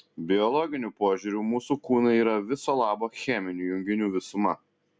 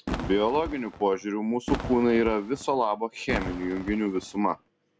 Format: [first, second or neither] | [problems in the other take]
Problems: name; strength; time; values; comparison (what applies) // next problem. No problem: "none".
first | background sound (Fireworks); 10 dB below the speech